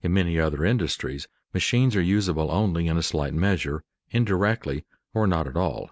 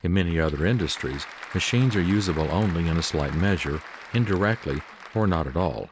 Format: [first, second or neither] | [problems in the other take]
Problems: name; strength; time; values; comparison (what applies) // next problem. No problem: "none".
first | background sound (Applause / Crowd); 16 dB below the speech